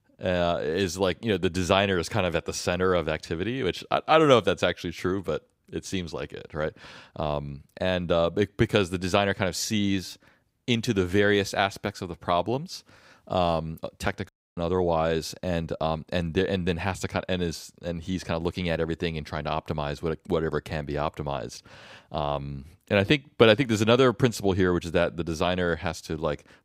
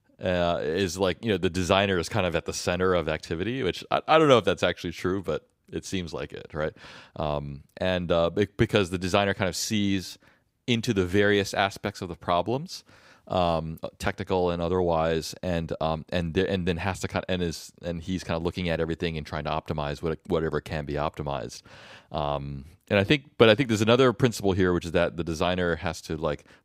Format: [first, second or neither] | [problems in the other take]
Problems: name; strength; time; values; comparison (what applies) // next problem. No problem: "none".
second | audio cutting out; at 14 s